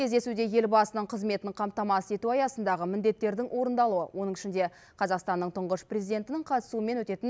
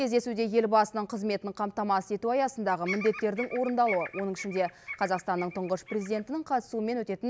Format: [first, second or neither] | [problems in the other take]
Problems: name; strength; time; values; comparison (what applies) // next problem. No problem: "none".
first | background sound (Bird vocalization, bird call, bird song); 12 dB below the speech